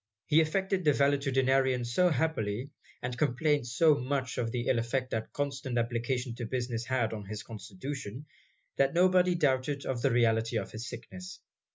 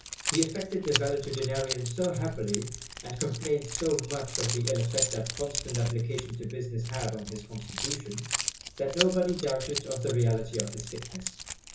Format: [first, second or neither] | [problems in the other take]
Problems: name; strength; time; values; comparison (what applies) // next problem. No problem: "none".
first | background sound (Keys jangling); 5 dB below the speech // room echo; dies away in 0.6 s